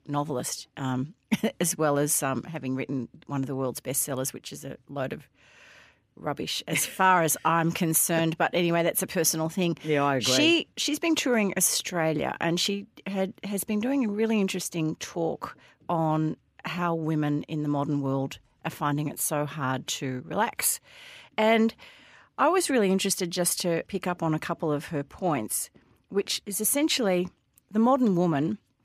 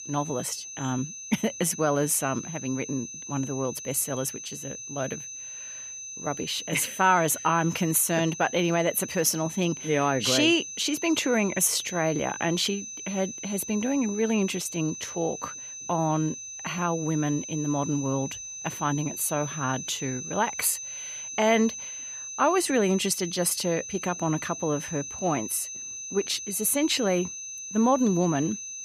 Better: first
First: none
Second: high-pitched whine; loud; throughout; 6 kHz, 9 dB below the speech

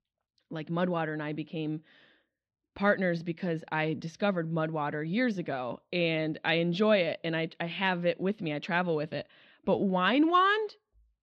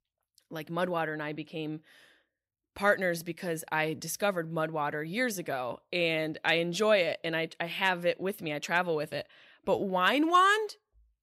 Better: second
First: muffled; very slightly; fading above 4 kHz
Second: none

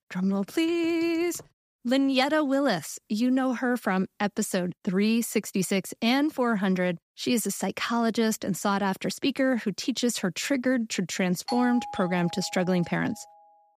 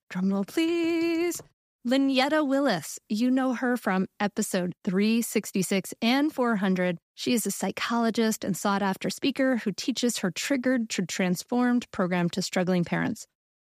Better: second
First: doorbell; noticeable; from 11 to 13 s; peak 7 dB below the speech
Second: none

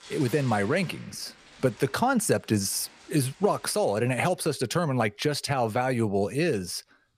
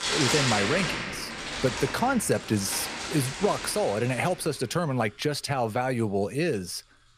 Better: first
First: household noises; faint; throughout; 20 dB below the speech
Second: household noises; loud; throughout; 3 dB below the speech

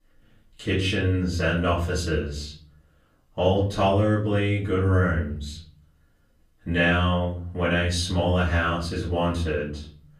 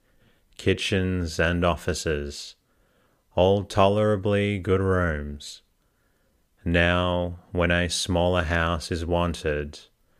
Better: second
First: off-mic speech; far // room echo; slight; dies away in 0.6 s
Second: none

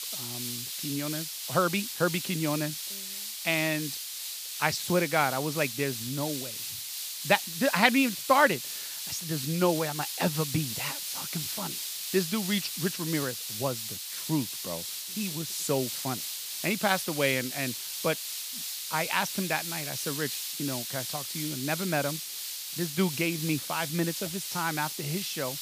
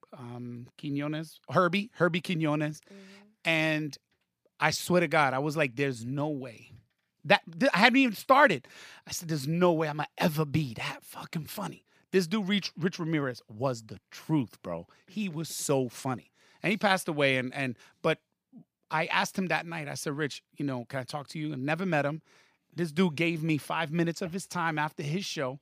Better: second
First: hiss; loud; throughout; 4 dB below the speech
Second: none

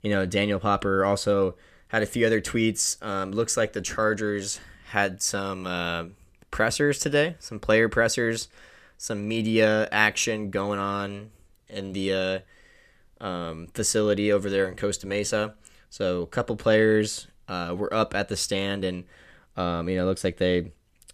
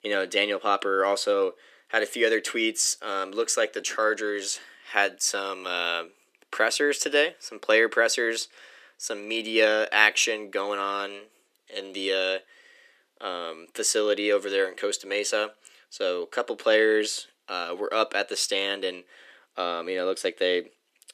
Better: first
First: none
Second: thin; somewhat; fading below 300 Hz

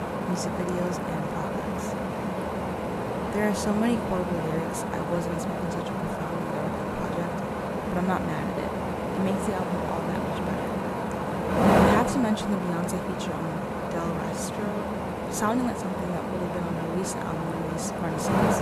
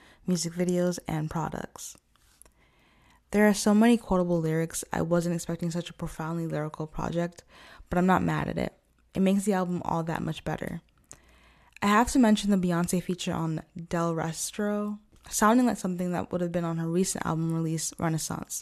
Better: second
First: wind noise on the microphone; heavy; 4 dB above the speech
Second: none

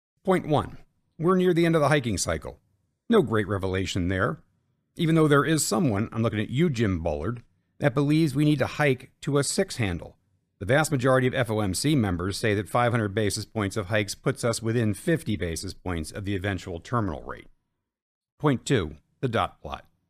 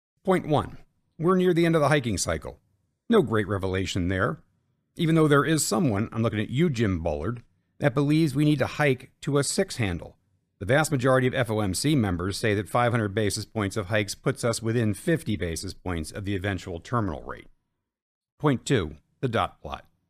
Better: neither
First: none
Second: none

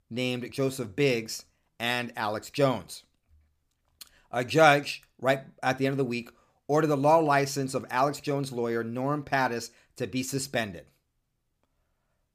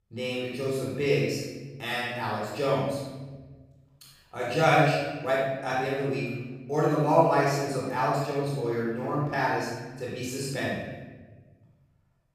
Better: first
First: none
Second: off-mic speech; far // room echo; strong; dies away in 1.2 s

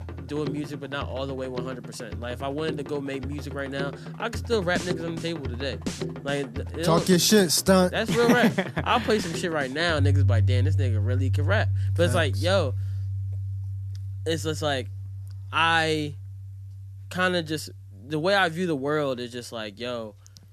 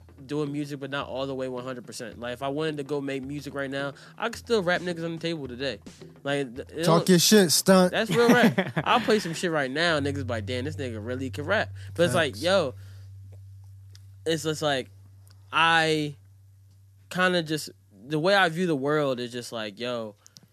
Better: second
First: background music; loud; throughout; 5 dB below the speech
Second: background music; faint; throughout; 20 dB below the speech

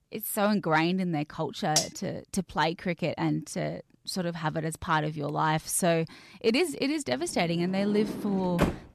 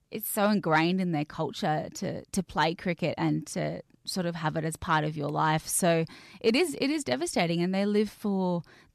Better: second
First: clattering dishes; loud; at 2 s; peak 1 dB above the speech // door banging; noticeable; at 8 s; peak level with the speech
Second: none

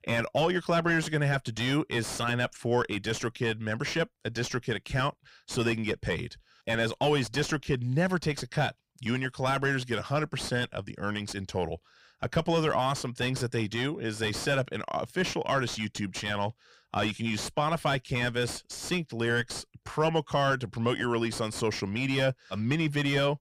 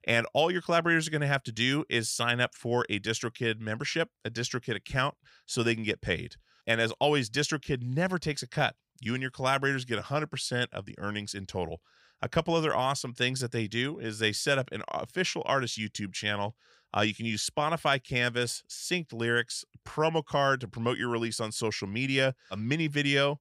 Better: second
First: distortion; heavy; 7 dB below the speech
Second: none

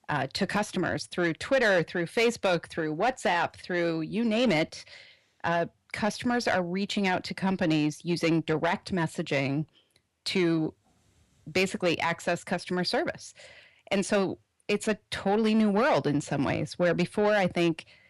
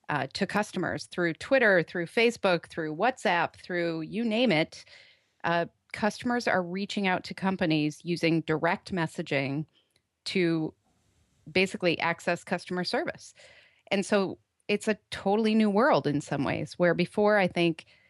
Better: second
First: distortion; slight; 10 dB below the speech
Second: none

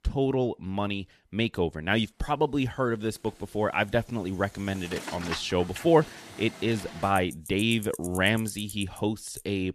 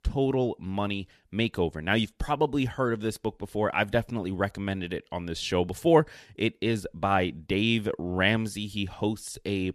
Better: second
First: traffic noise; noticeable; throughout; 15 dB below the speech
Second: none

